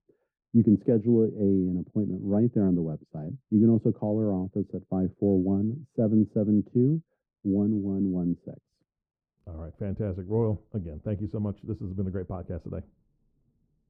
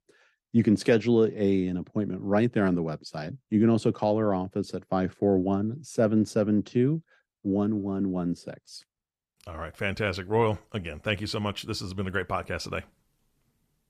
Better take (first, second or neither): second